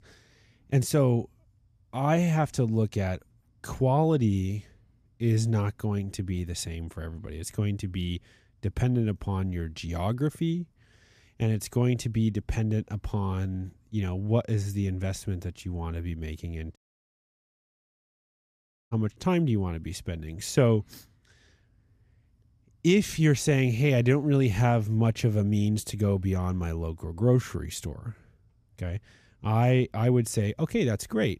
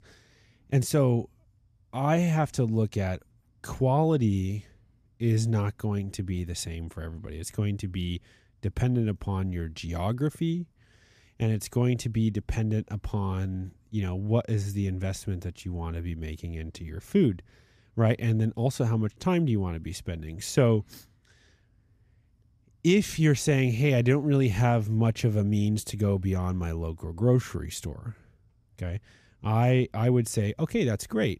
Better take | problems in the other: second | audio cutting out; at 17 s for 2 s

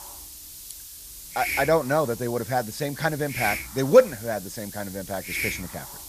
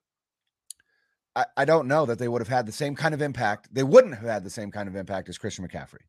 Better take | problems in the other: second | hiss; loud; throughout; 8 dB below the speech

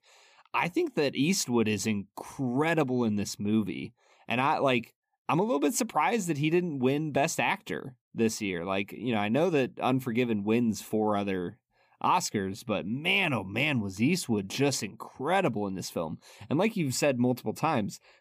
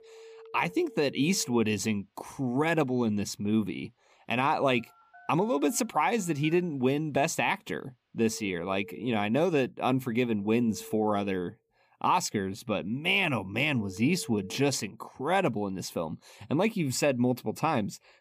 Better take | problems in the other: first | alarms or sirens; faint; throughout; 20 dB below the speech

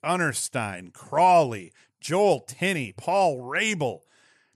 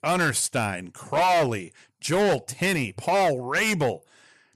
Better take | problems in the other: first | distortion; heavy; 13% of the sound clipped

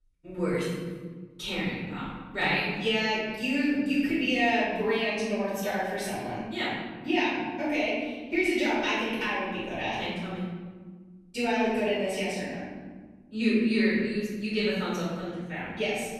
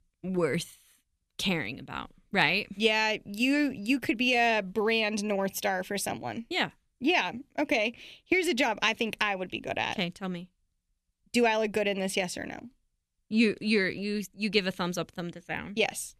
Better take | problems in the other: second | off-mic speech; far // room echo; strong; dies away in 1.6 s

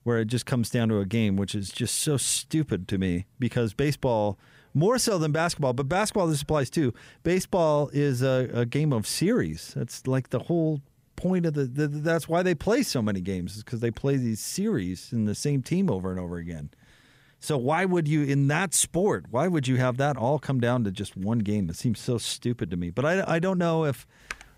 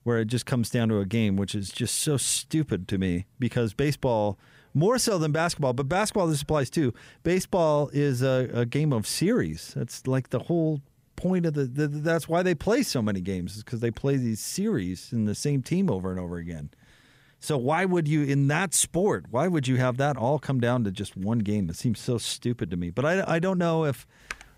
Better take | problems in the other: neither | keyboard typing; faint; at 24 s; peak 15 dB below the speech; the same in both

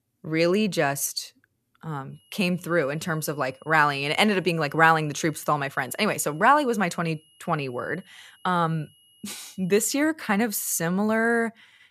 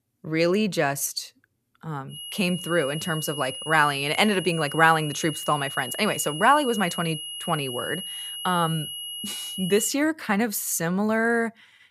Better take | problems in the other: first | high-pitched whine; loud; from 2 to 10 s; 3 kHz, 9 dB below the speech; faint in the first

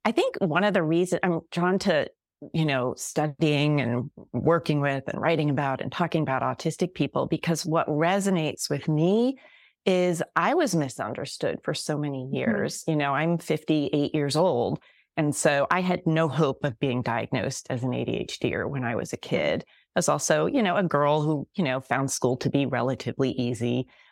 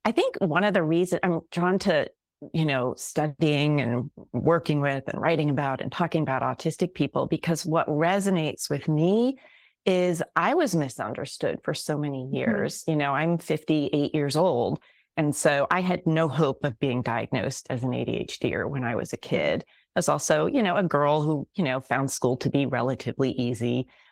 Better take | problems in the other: first | garbled, watery; slightly; nothing above 16.5 kHz

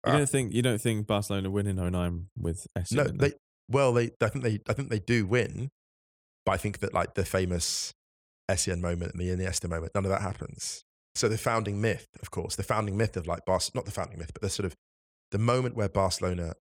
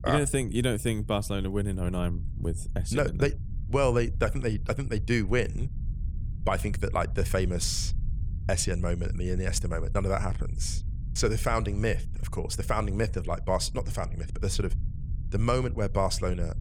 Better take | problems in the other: first | low rumble; faint; throughout; 20 dB below the speech

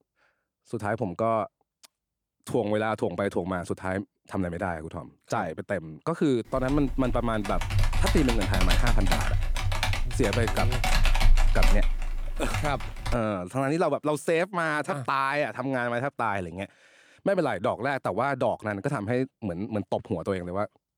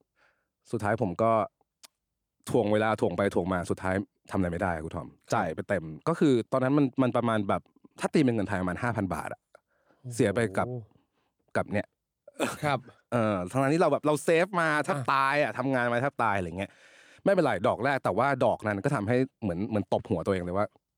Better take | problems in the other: second | keyboard typing; loud; from 6.5 to 13 s; peak 4 dB above the speech

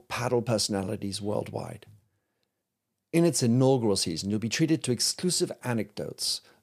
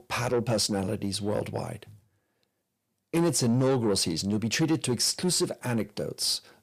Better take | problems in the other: first | distortion; slight; 10 dB below the speech

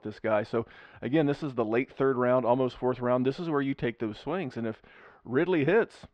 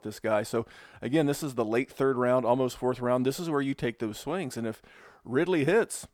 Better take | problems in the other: second | muffled; slightly; fading above 3.5 kHz

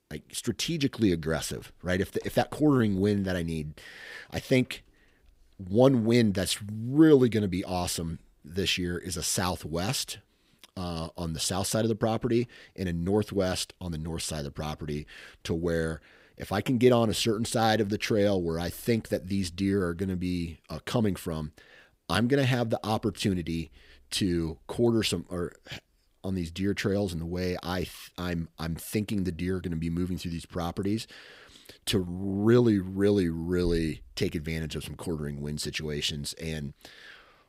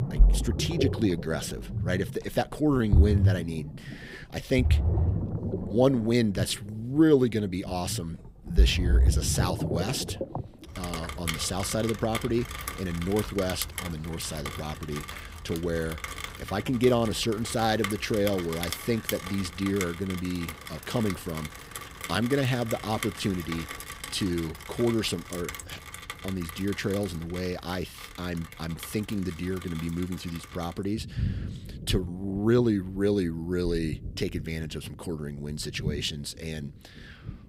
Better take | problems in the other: first | rain or running water; loud; throughout; 3 dB below the speech

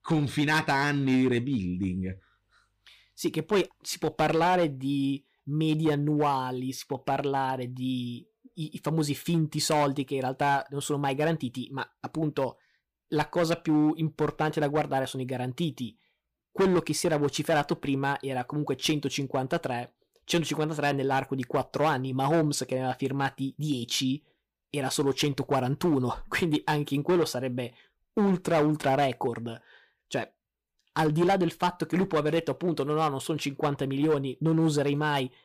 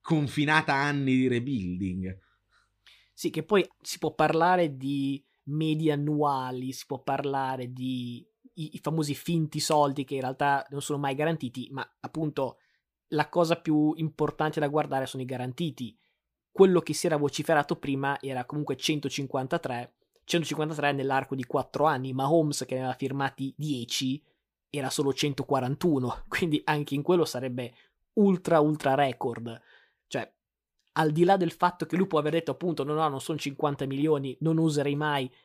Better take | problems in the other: second | distortion; slight; 5% of the sound clipped

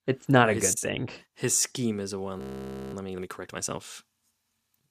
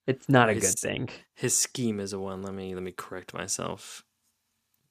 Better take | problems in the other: second | audio freezing; at 2.5 s for 0.5 s

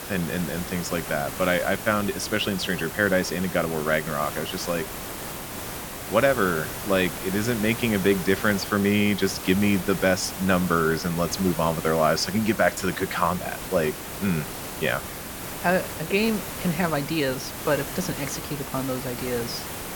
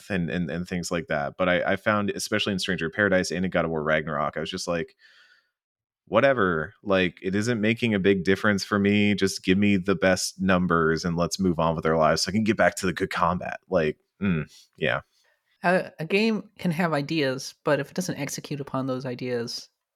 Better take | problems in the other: second | hiss; loud; throughout; 8 dB below the speech

